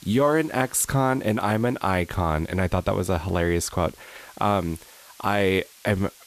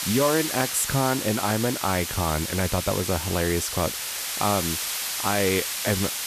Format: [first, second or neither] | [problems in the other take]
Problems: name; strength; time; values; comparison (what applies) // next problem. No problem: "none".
first | hiss; loud; throughout; 2 dB below the speech; faint in the first